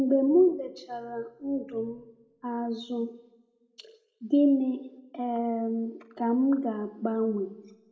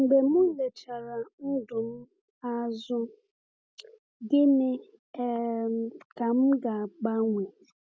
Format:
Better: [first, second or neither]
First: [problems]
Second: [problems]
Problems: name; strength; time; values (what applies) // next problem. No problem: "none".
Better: second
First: room echo; dies away in 0.7 s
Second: none